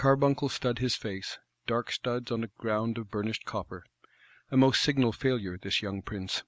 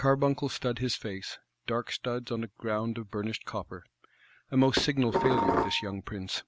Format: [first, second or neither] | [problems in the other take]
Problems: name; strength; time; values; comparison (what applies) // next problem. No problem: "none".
first | background sound (Dishes, pots, and pans); 1 dB above the speech